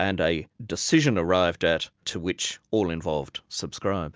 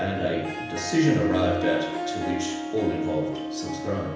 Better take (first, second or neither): first